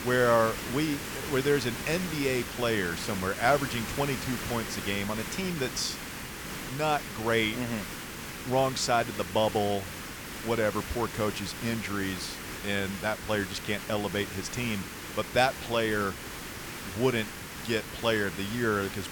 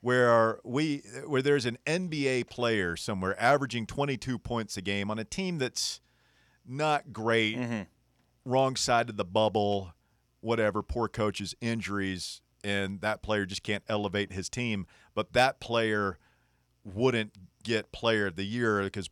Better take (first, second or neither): second